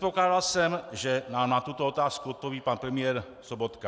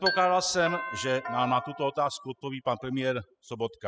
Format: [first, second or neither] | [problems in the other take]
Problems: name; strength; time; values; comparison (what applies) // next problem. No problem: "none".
first | noise reduction (classical method spectral subtraction)